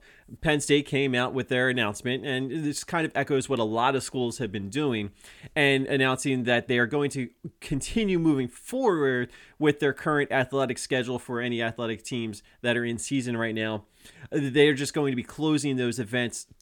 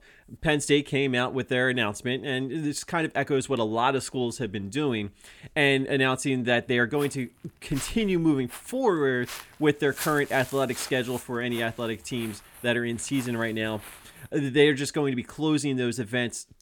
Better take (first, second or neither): first